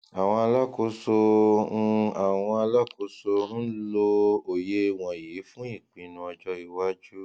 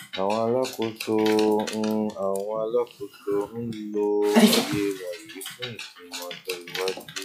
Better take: first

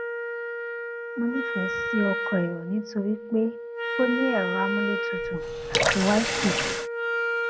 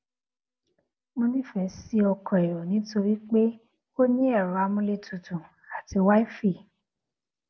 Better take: second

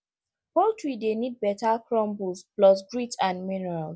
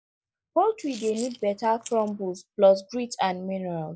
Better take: first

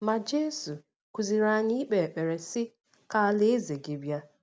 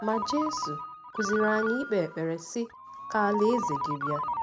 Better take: first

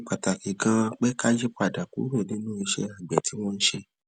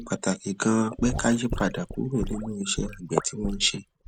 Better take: first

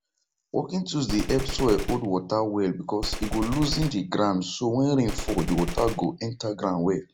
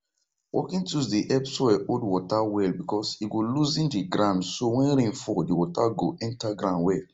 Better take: second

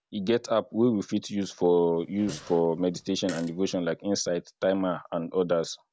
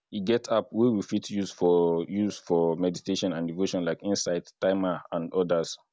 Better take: second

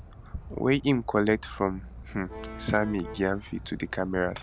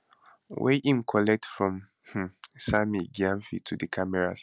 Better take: second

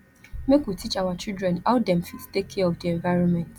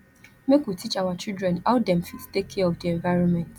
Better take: second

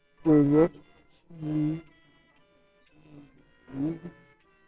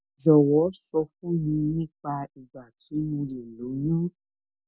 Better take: second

